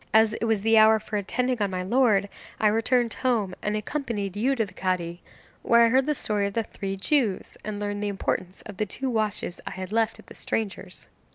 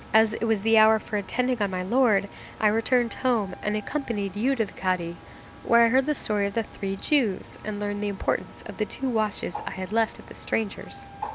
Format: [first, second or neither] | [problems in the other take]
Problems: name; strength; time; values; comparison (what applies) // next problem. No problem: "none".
first | background sound (Bird + Wind instrument, woodwind instrument); 17 dB below the speech